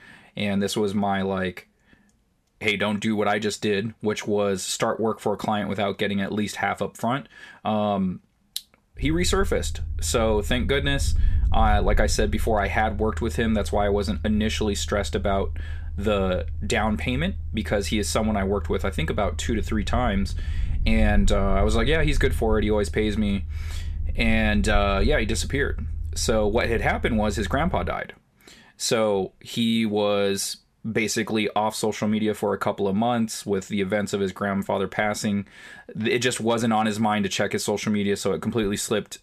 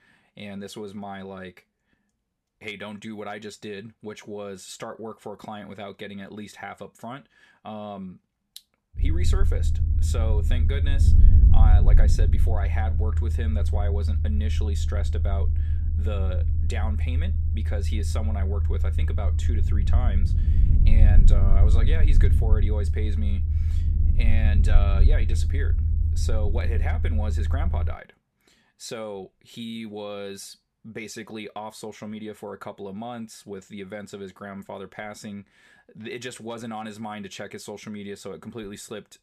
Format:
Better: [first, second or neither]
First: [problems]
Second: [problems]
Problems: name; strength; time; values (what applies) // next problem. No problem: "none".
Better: first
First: low rumble; faint; from 9 to 28 s; 25 dB below the speech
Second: low rumble; loud; from 9 to 28 s; 4 dB below the speech